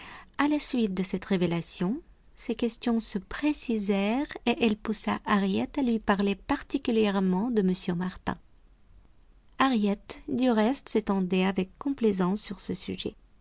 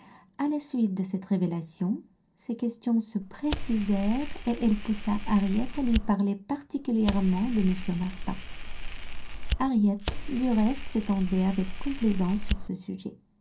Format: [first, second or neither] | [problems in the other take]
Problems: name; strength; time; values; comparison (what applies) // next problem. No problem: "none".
first | background sound (Fire); 3 dB below the speech // room echo; dies away in 0.3 s